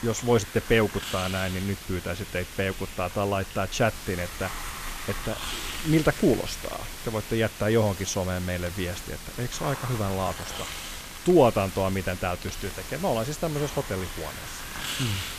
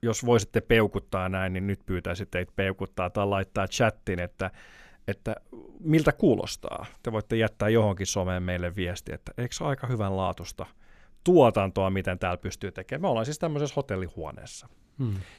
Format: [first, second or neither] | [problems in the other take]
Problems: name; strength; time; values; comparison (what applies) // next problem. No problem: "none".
second | hiss; loud; throughout; 8 dB below the speech